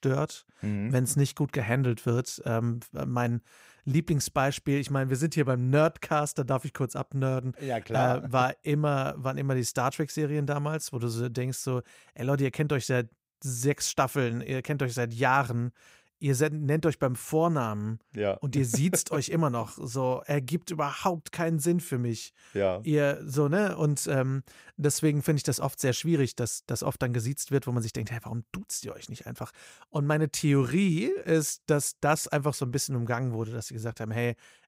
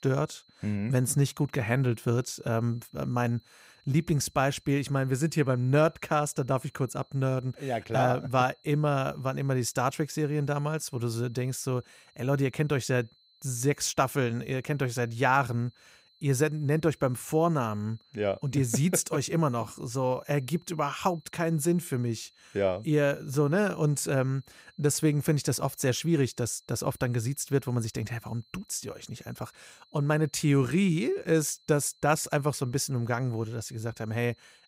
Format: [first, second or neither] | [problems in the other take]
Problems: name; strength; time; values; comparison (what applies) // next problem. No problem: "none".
first | high-pitched whine; faint; throughout; 4 kHz, 30 dB below the speech